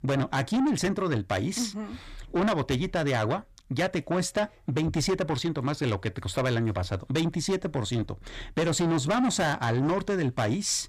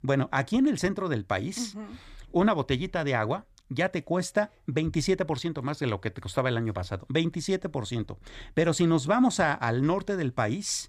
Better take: second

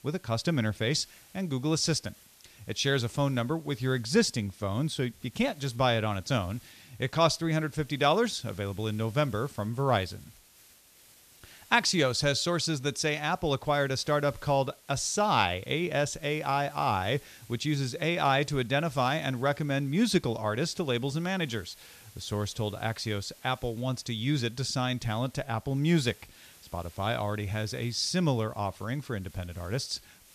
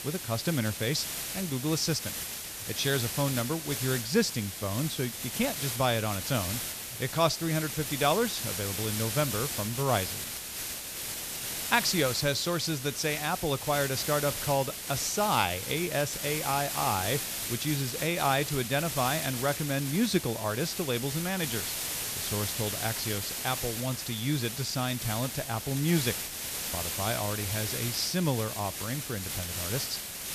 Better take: first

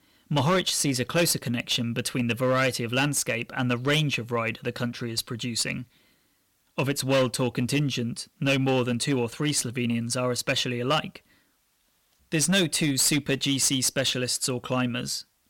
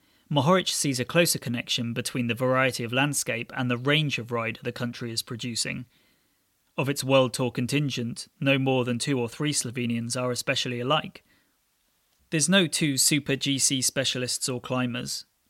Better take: second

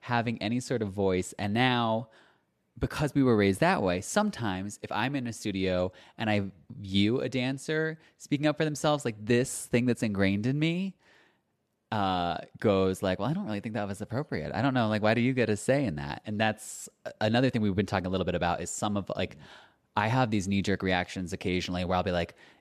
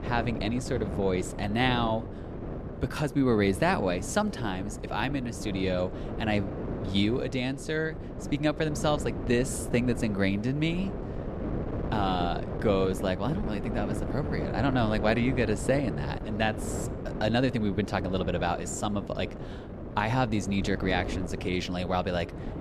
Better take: first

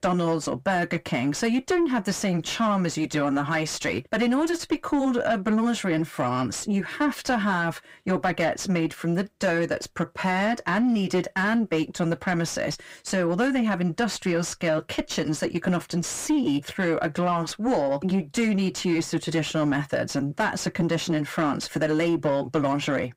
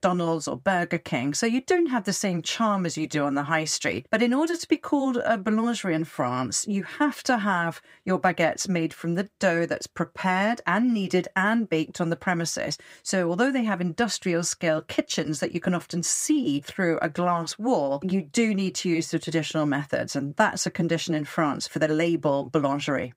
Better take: second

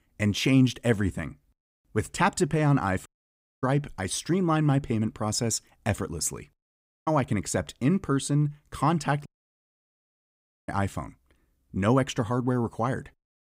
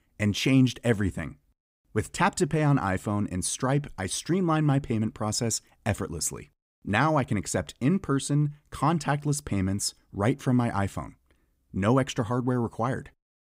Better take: second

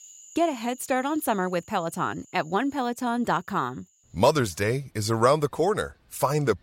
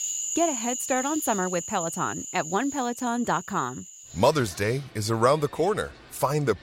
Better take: first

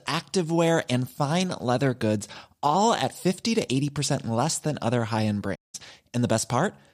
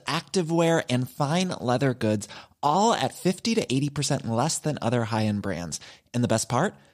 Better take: second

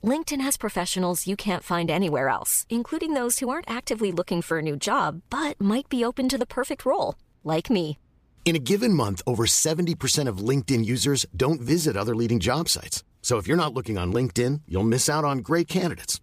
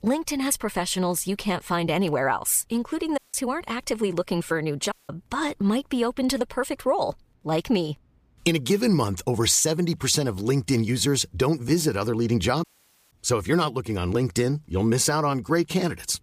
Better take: first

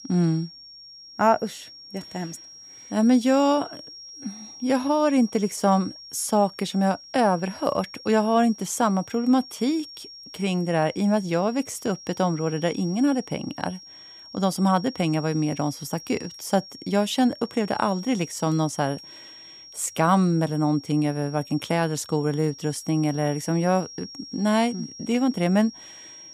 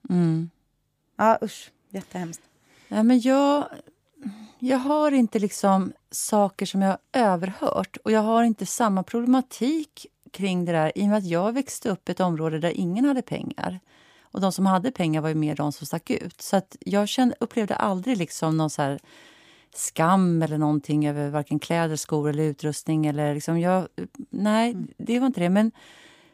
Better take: second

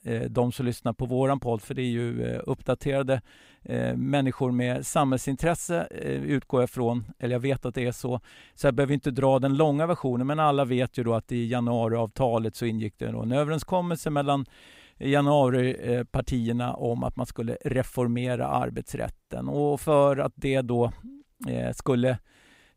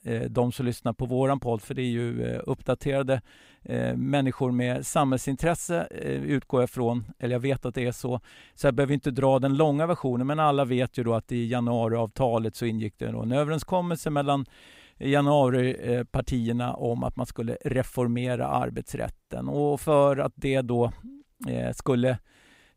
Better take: neither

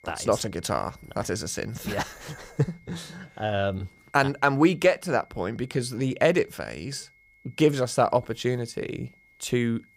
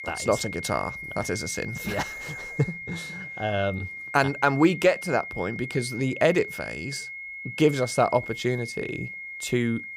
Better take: first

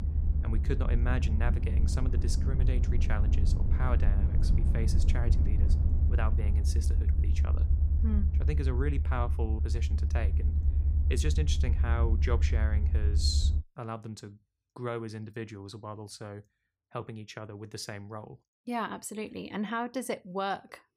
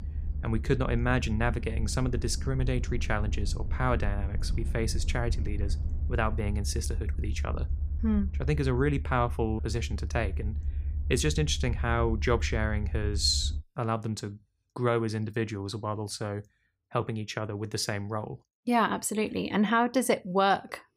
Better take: second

